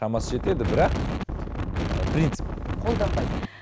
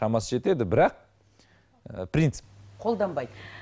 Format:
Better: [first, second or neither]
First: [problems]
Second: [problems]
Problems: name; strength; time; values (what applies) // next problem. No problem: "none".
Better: second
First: background sound (Wind); 1 dB above the speech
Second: none